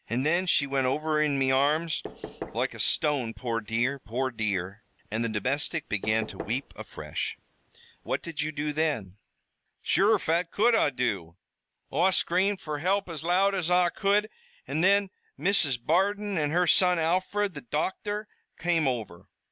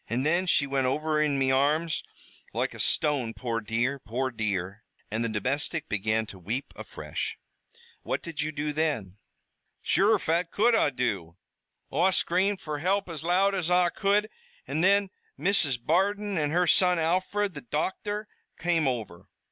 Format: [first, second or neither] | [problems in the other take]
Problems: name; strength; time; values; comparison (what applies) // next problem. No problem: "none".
second | background sound (Knock / Wood); 16 dB below the speech